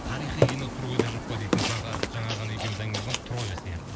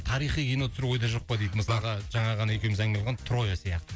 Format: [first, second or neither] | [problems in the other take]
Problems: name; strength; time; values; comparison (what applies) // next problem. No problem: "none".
second | background sound (Burping, eructation); 2 dB above the speech